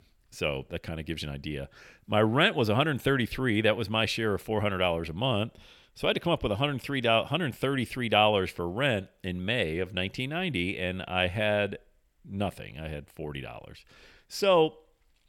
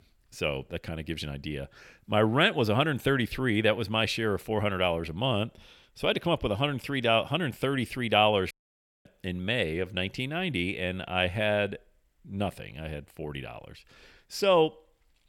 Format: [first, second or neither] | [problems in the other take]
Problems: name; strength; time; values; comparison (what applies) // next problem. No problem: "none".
first | audio cutting out; at 8.5 s for 0.5 s